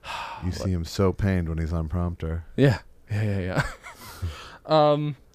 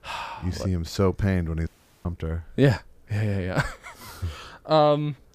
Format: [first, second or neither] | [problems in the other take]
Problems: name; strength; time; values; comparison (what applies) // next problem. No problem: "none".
first | audio cutting out; at 1.5 s